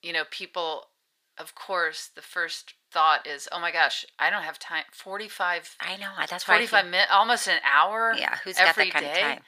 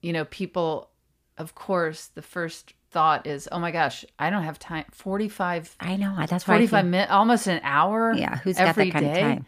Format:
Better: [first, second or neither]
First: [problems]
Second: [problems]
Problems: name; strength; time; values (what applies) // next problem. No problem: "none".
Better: second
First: thin; very; fading below 700 Hz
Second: none